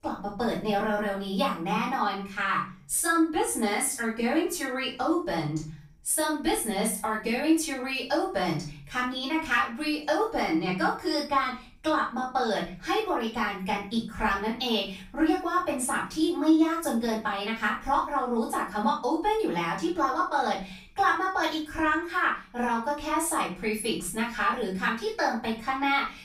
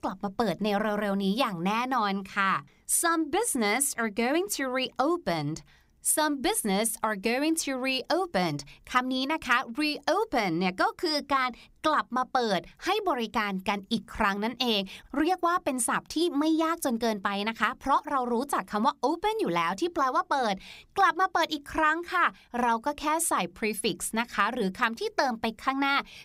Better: second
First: room echo; noticeable; dies away in 0.4 s // off-mic speech; far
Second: none

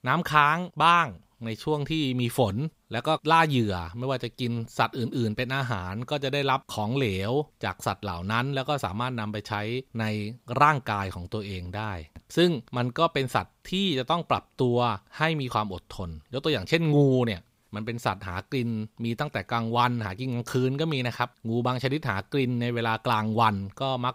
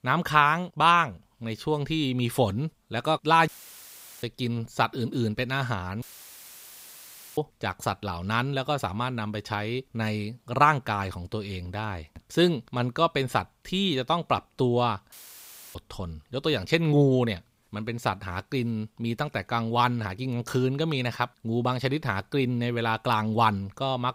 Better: first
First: none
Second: audio cutting out; filled with static; at 3.5 s for 1 s, at 6 s for 1.5 s and at 15 s for 0.5 s

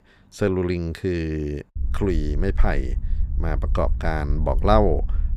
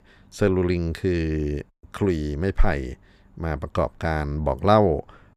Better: second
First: low rumble; faint; from 2 s on; 20 dB below the speech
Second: none

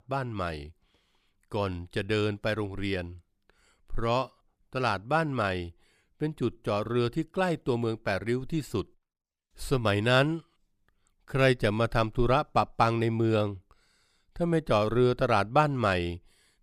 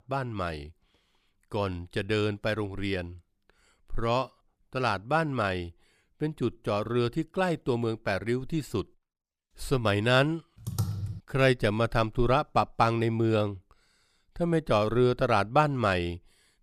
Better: first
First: none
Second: keyboard typing; noticeable; at 11 s; peak 4 dB below the speech

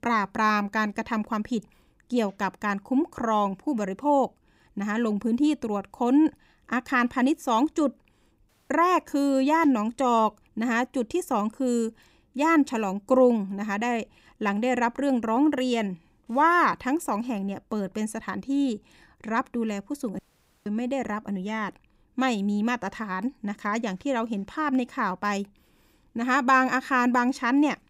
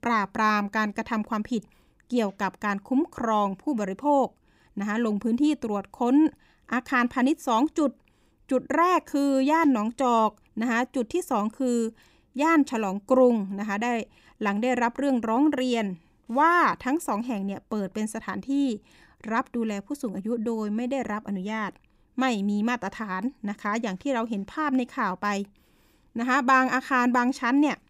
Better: second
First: audio cutting out; at 8.5 s and at 20 s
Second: none

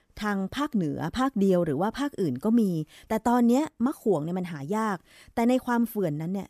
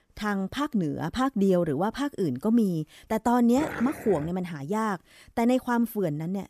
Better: first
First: none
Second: dog barking; noticeable; at 3.5 s; peak 8 dB below the speech

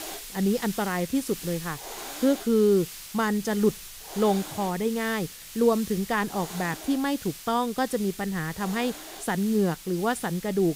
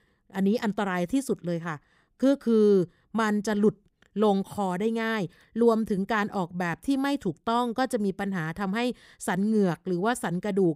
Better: second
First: hiss; noticeable; throughout; 10 dB below the speech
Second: none

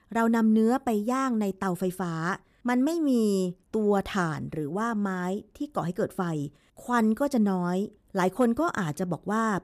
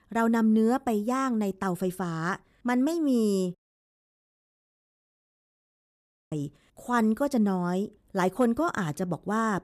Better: first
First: none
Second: audio cutting out; at 3.5 s for 3 s

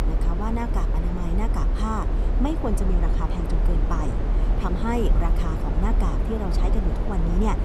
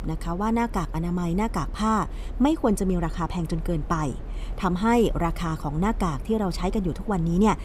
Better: second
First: low rumble; loud; throughout; 3 dB below the speech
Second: low rumble; faint; throughout; 20 dB below the speech

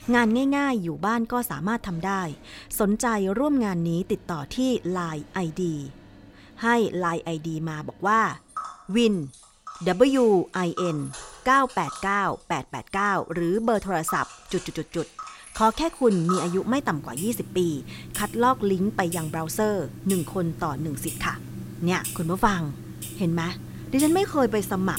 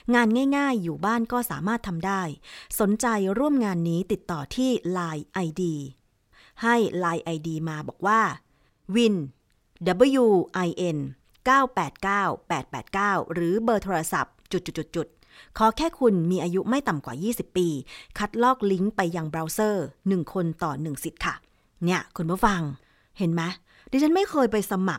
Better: second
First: household noises; noticeable; throughout; 10 dB below the speech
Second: none

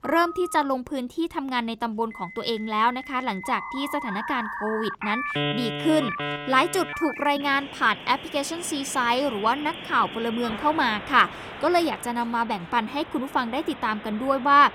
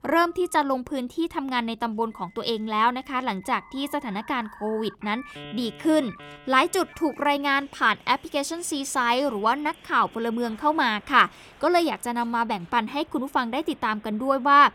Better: second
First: alarms or sirens; loud; throughout; 9 dB below the speech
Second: alarms or sirens; faint; throughout; 25 dB below the speech

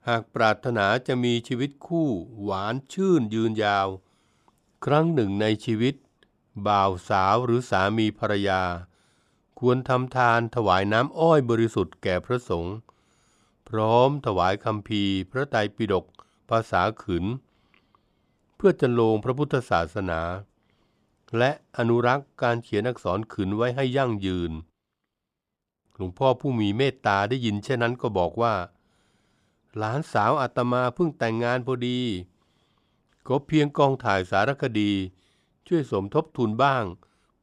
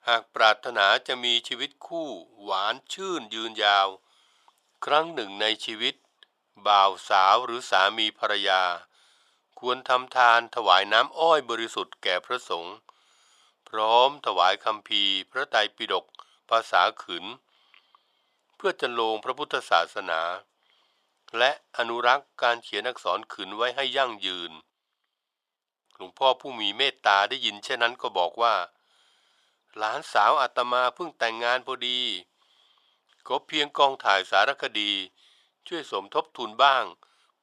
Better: first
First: none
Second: thin; very; fading below 800 Hz

